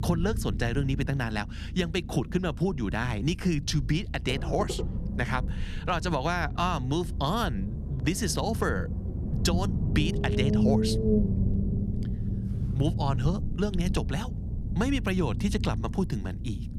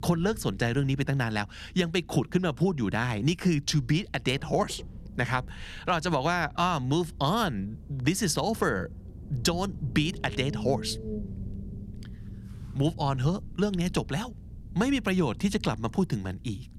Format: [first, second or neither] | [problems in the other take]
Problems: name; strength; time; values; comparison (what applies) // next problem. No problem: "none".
second | low rumble; loud; throughout; 8 dB below the speech; faint in the second